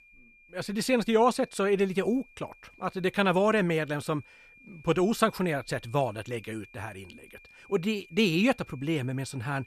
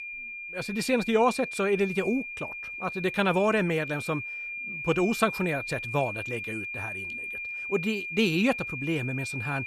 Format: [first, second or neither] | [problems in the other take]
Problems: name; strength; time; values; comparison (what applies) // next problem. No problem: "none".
first | high-pitched whine; loud; throughout; 2.5 kHz, 6 dB below the speech; faint in the first